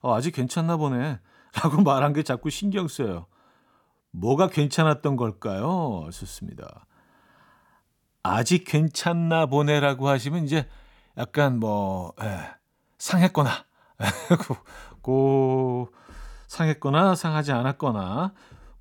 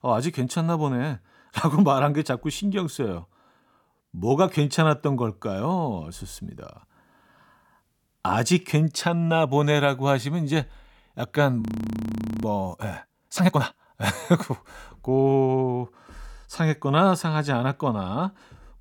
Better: first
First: none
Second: audio freezing; at 12 s for 1 s

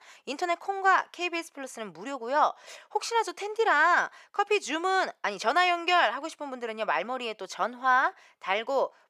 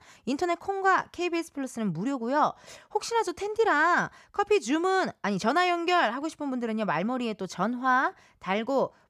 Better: second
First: thin; somewhat; fading below 550 Hz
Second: none

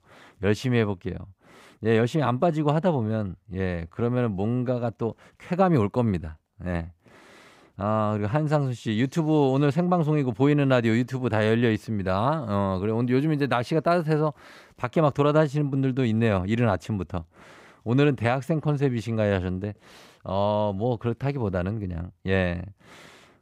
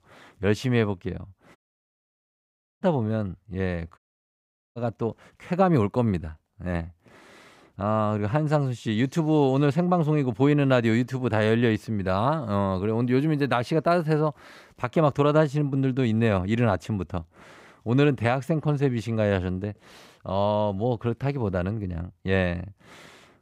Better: first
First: none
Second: audio cutting out; at 1.5 s for 1.5 s and at 4 s for 1 s

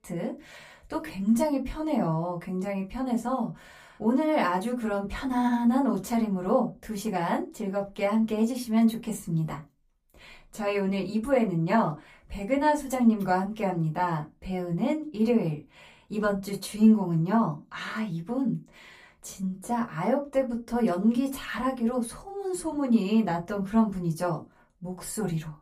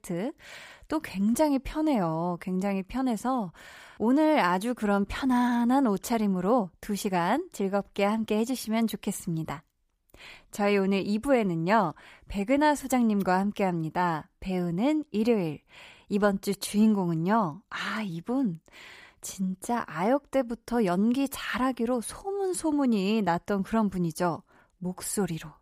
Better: second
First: off-mic speech; far // room echo; very slight; dies away in 0.2 s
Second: none

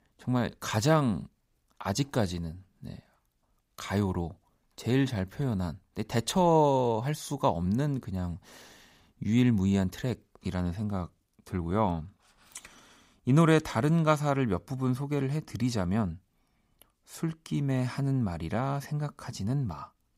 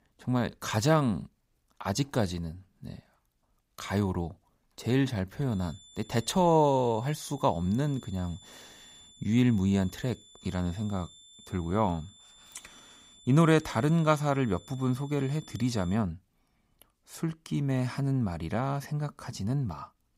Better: first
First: none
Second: high-pitched whine; faint; from 5.5 to 16 s; 3.5 kHz, 25 dB below the speech

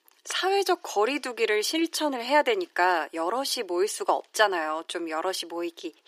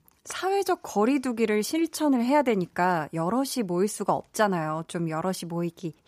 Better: second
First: thin; somewhat; fading below 350 Hz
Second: none

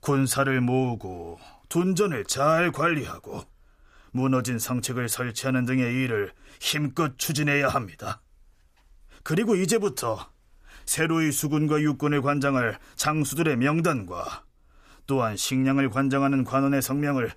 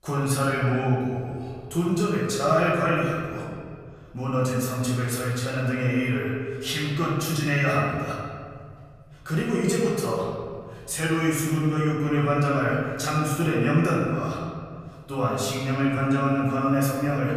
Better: first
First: none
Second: room echo; noticeable; dies away in 1.9 s // off-mic speech; far

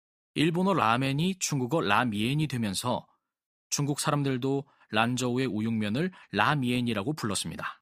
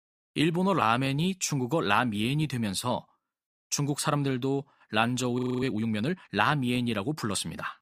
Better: first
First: none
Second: audio freezing; at 5.5 s

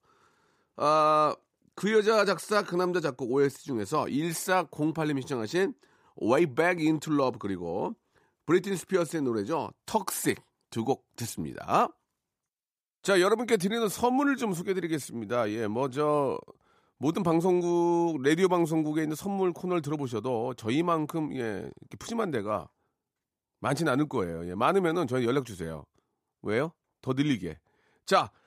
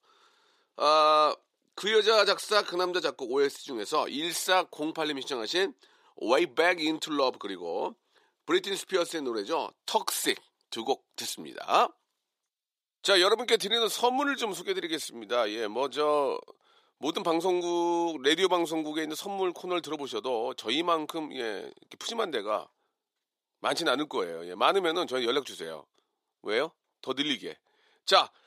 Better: first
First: none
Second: thin; somewhat; fading below 450 Hz

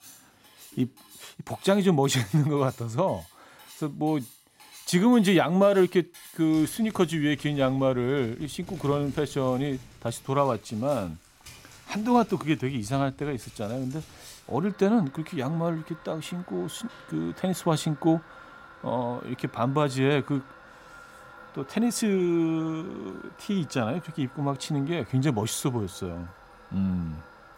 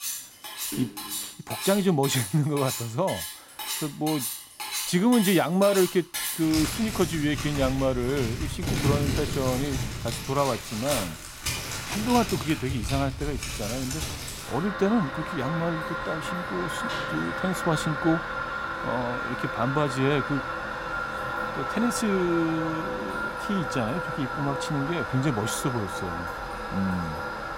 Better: first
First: household noises; faint; throughout; 20 dB below the speech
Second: household noises; loud; throughout; 4 dB below the speech

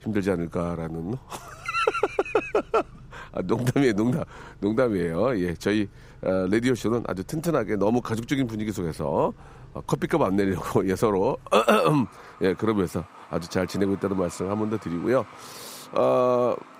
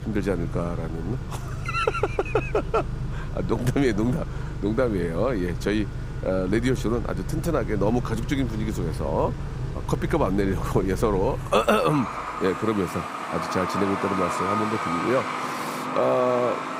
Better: first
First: traffic noise; faint; throughout; 25 dB below the speech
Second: traffic noise; loud; throughout; 5 dB below the speech

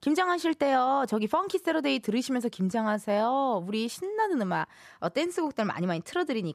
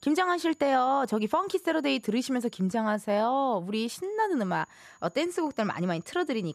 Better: first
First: none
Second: high-pitched whine; faint; until 2.5 s and from 4 s on; 7 kHz, 35 dB below the speech

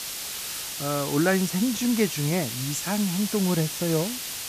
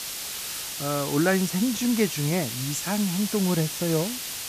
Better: neither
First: hiss; loud; throughout; 5 dB below the speech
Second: hiss; loud; throughout; 5 dB below the speech

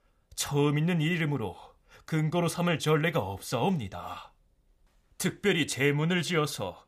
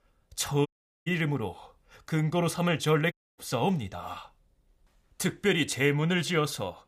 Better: first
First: none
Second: audio cutting out; at 0.5 s and at 3 s

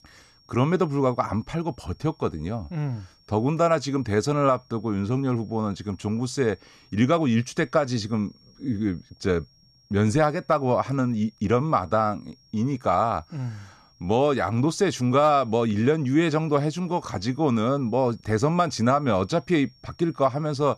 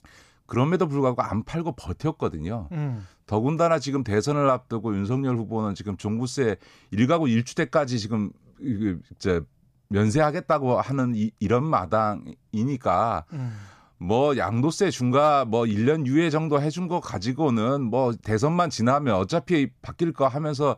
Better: second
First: high-pitched whine; faint; throughout; 5.5 kHz, 30 dB below the speech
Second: none

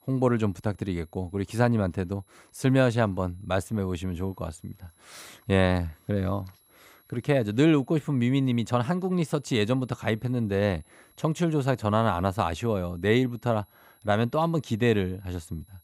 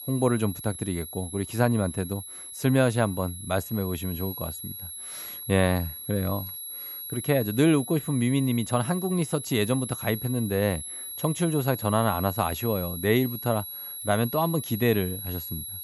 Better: first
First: high-pitched whine; faint; throughout; 11.5 kHz, 35 dB below the speech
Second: high-pitched whine; loud; throughout; 11.5 kHz, 9 dB below the speech

